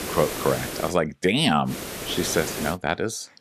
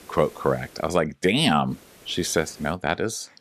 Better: second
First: hiss; loud; at the start and from 1.5 to 2.5 s; 7 dB below the speech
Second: hiss; faint; at the start and from 1.5 to 2.5 s; 25 dB below the speech

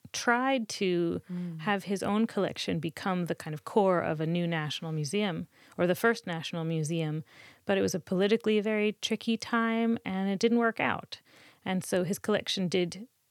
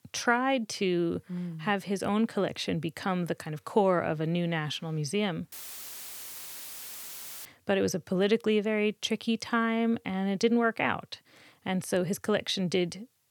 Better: first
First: none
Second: audio cutting out; filled with static; at 5.5 s for 2 s

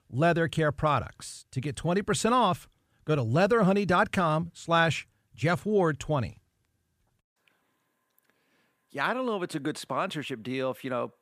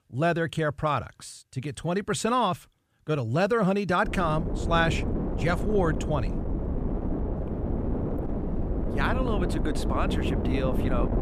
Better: first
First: none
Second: wind noise on the microphone; heavy; from 4 s on; 8 dB below the speech

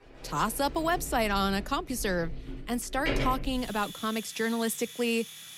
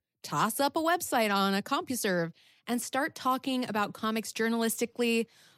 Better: second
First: household noises; loud; throughout; 9 dB below the speech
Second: none

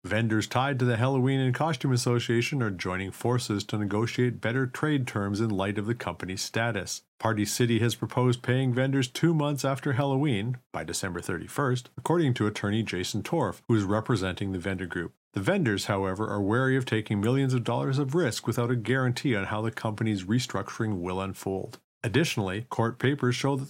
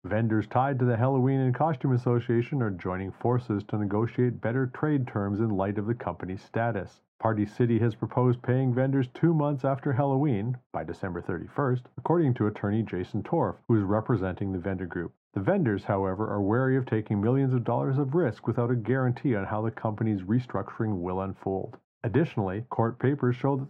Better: first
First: none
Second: muffled; very; fading above 3 kHz

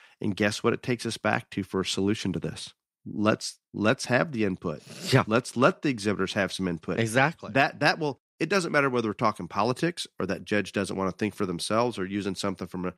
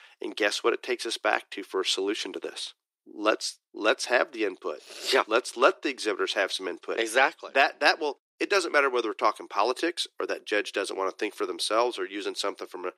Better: first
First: none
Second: thin; very; fading below 350 Hz

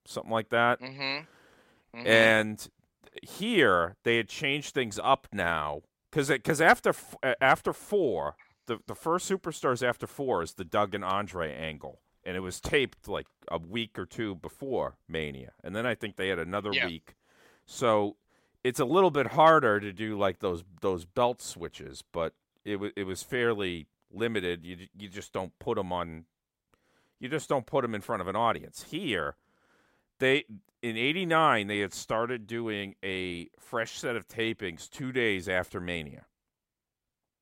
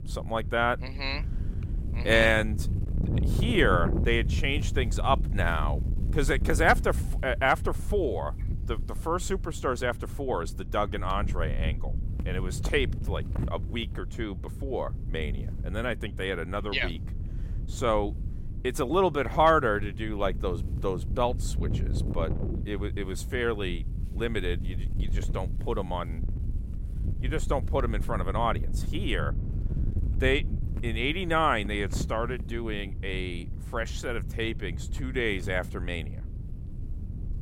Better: first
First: none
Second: wind noise on the microphone; occasional gusts; 15 dB below the speech

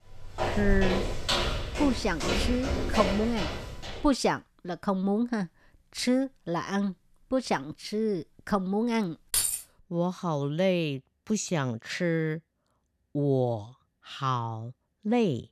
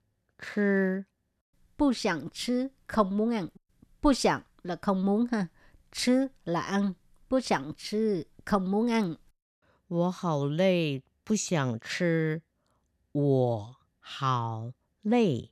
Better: second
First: footsteps; loud; until 4 s; peak 2 dB above the speech // jangling keys; loud; at 9.5 s; peak 4 dB above the speech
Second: none

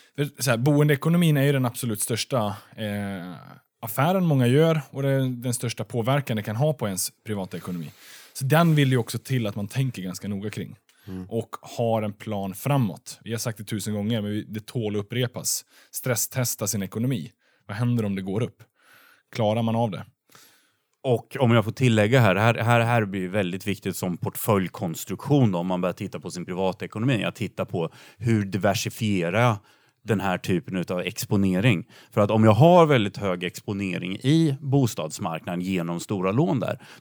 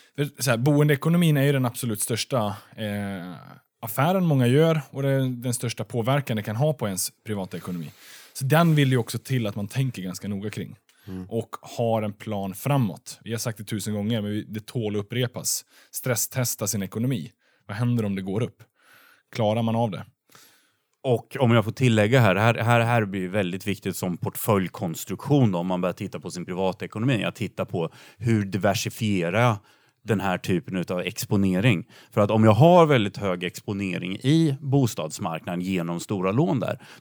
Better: neither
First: none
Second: none

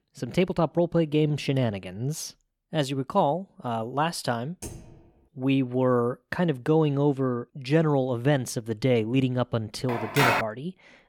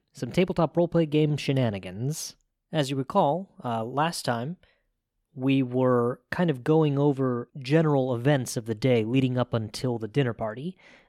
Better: second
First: keyboard typing; faint; at 4.5 s; peak 15 dB below the speech // phone ringing; loud; at 10 s; peak 3 dB above the speech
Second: none

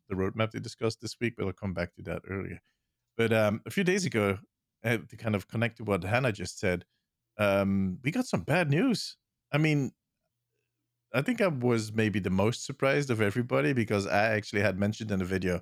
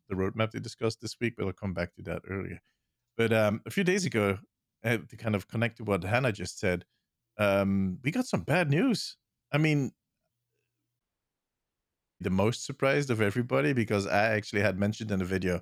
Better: first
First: none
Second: audio cutting out; at 11 s for 1 s

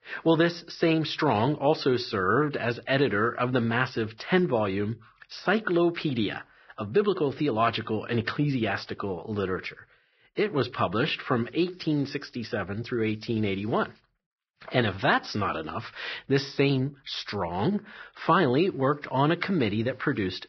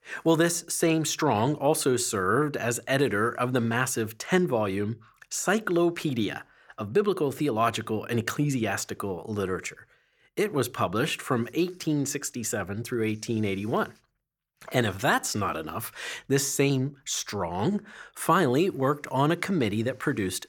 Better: second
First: garbled, watery; badly; nothing above 5.5 kHz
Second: none

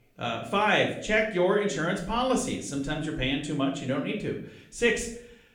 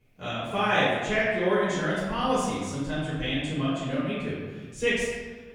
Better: first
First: room echo; slight; dies away in 0.5 s // off-mic speech; somewhat distant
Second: room echo; strong; dies away in 1.3 s // off-mic speech; far

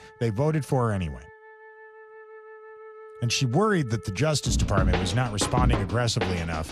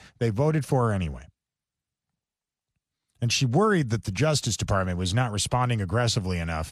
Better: second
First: background music; loud; throughout; 3 dB below the speech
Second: none

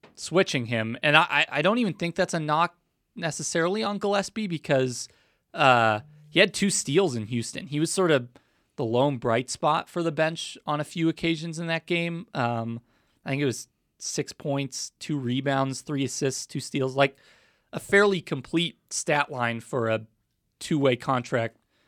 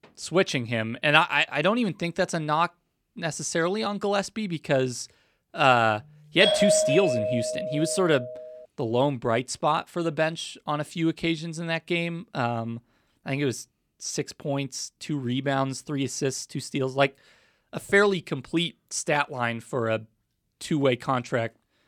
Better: first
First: none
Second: doorbell; loud; from 6.5 to 8.5 s; peak 5 dB above the speech

